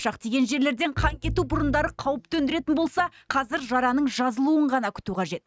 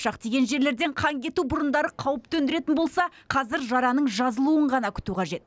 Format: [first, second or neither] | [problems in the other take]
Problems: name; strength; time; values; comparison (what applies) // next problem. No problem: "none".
second | noise reduction (neural mask model RNNoise)